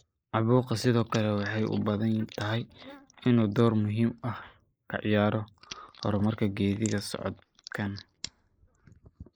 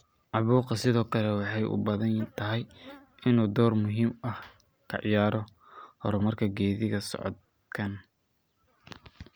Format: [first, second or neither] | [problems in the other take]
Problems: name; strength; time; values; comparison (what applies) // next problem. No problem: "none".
second | noise reduction (neural mask model Resemble Enhance denoiser)